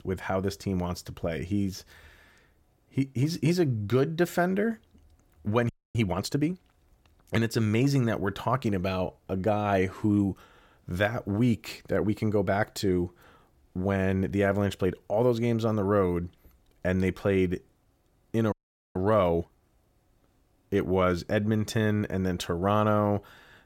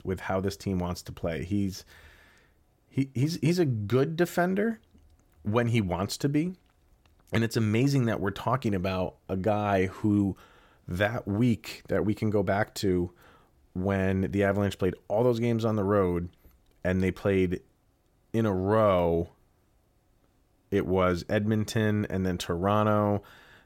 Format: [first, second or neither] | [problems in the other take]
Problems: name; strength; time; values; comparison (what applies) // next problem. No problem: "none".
second | audio freezing; at 5.5 s and at 19 s